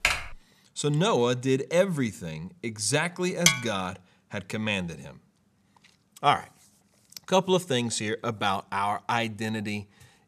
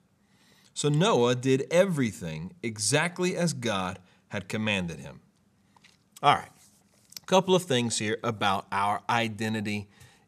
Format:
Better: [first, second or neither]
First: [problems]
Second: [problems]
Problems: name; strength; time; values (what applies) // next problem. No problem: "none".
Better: second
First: keyboard typing; loud; at the start; peak 1 dB above the speech // clattering dishes; loud; at 3.5 s; peak 5 dB above the speech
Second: none